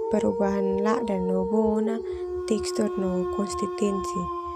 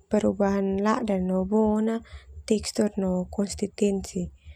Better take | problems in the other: second | background sound (Dog); 2 dB below the speech

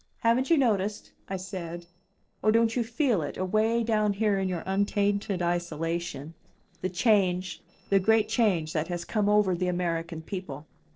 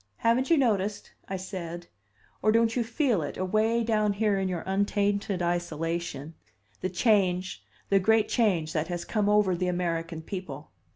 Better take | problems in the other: second | noise reduction (neural separator model SepFormer DNS4)

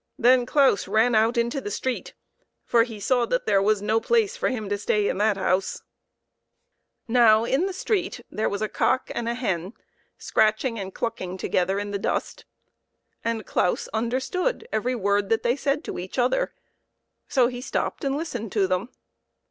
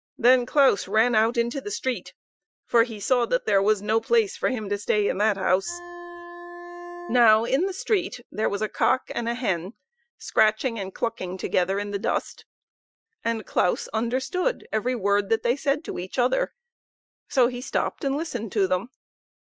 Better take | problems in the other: first | noise reduction (classical method Wiener filter)

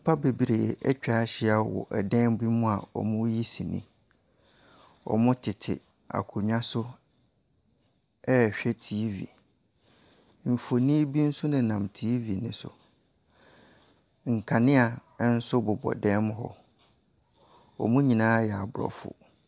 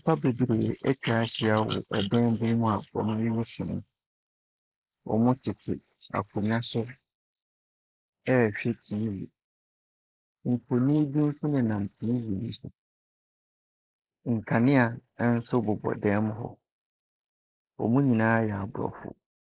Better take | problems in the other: first | noise reduction (neural mask model Resemble Enhance denoiser)

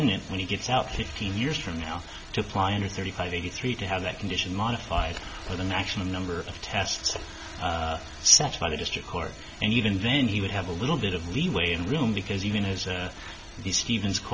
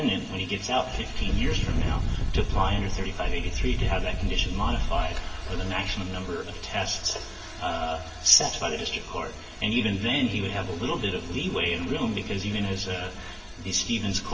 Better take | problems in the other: first | background sound (Engine); 3 dB below the speech // room echo; dies away in 2.9 s

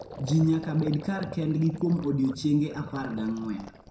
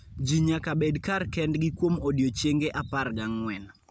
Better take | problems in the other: second | background sound (Gurgling); 17 dB below the speech // room echo; dies away in 0.5 s

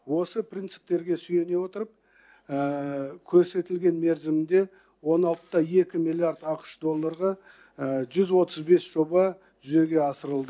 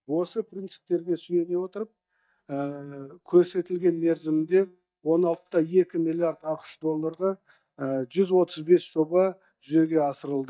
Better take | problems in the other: first | noise reduction (neural mask model DeepFilterNet 3)

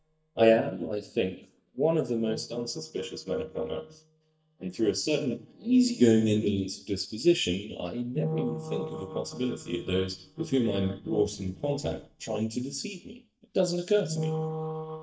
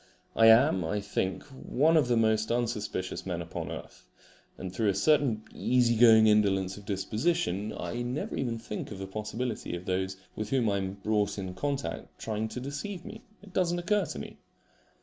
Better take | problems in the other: second | noise reduction (neural mask model DeepFilterNet 3)

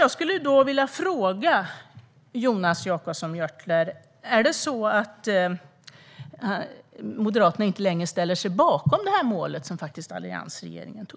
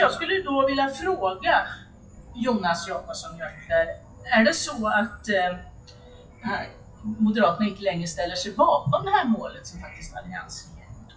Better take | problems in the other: first | noise reduction (classical method WPE with log-MMSE)

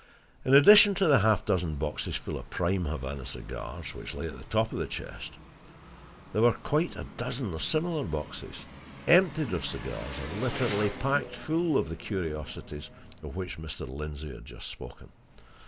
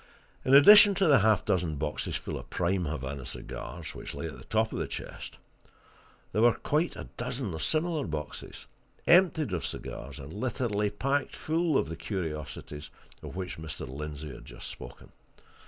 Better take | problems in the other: second | background sound (Engine); 16 dB below the speech

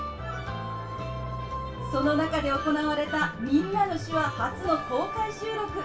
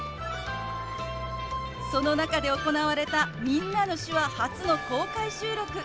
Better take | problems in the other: second | room echo; dies away in 0.3 s

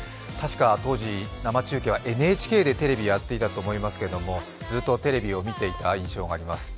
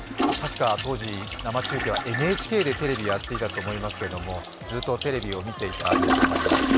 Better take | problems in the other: first | background sound (Toilet flush); 1 dB above the speech

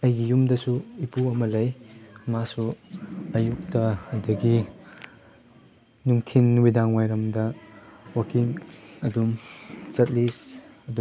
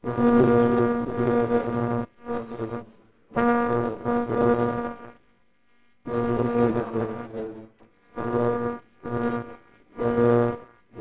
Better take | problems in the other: first | noise reduction (neural separator model SepFormer WHAMR!)

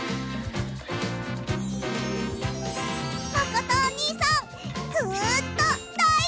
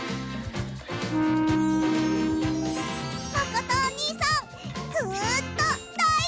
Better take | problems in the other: first | background sound (Wind instrument, woodwind instrument); 2 dB above the speech

